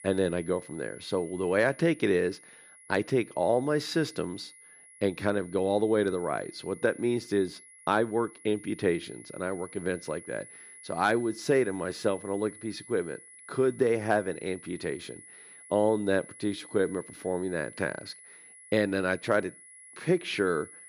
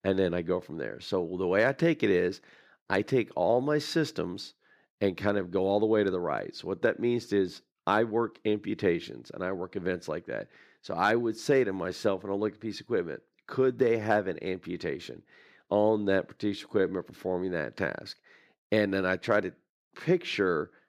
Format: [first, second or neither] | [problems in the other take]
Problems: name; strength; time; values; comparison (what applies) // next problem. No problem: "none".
second | high-pitched whine; noticeable; throughout; 10 kHz, 20 dB below the speech